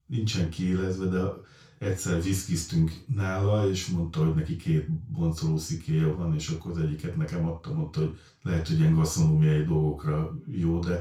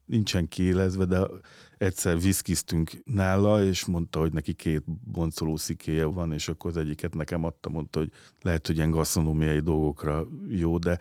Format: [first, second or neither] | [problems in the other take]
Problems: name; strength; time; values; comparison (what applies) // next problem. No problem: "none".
second | room echo; noticeable; dies away in 0.3 s // off-mic speech; far